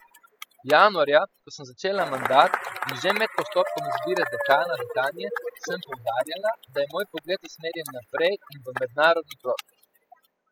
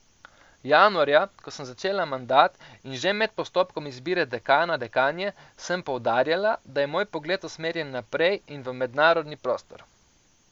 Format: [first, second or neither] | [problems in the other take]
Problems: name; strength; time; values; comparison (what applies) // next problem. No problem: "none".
second | noise reduction (classical method spectral subtraction)